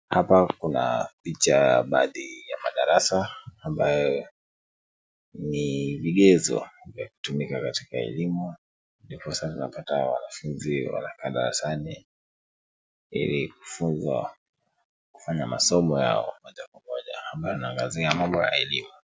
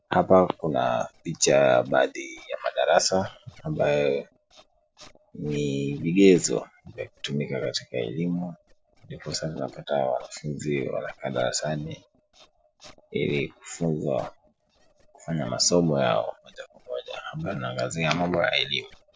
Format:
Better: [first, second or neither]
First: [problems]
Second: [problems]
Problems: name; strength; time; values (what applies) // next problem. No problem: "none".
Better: first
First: none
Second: noise reduction (neural separator model SepFormer DNS4)